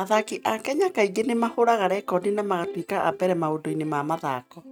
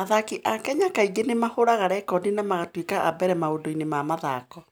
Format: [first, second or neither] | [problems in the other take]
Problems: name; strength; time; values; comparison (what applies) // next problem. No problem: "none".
second | noise reduction (neural mask model RNNoise)